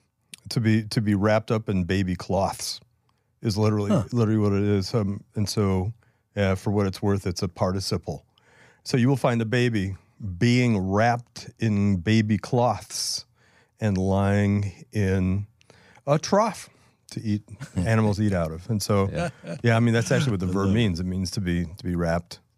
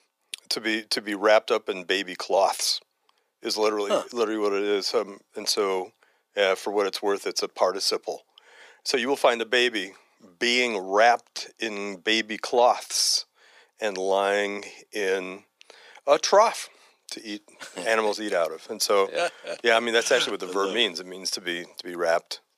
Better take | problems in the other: first | thin; very; fading below 350 Hz

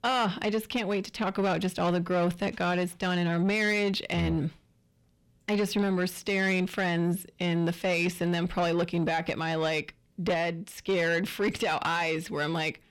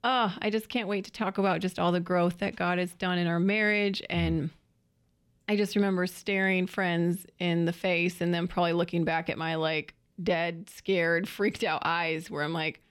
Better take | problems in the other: second | distortion; slight; 10 dB below the speech

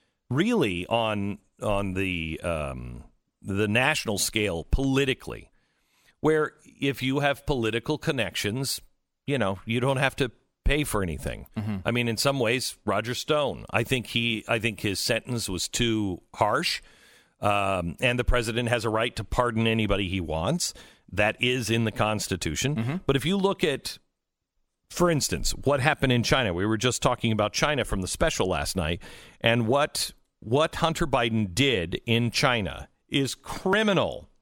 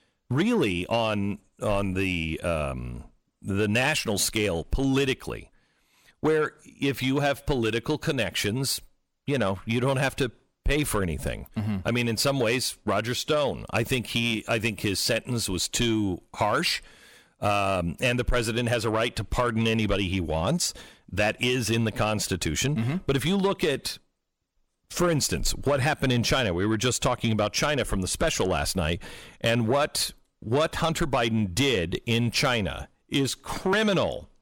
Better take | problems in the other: first | distortion; slight; 10 dB below the speech

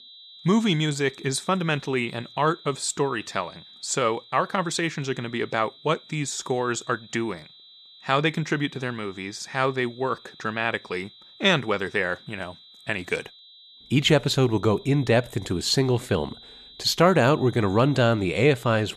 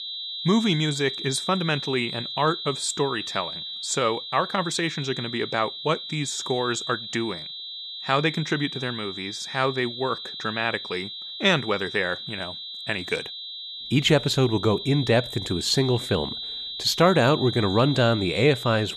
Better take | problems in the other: first | high-pitched whine; loud; throughout; 4 kHz, 7 dB below the speech; faint in the first

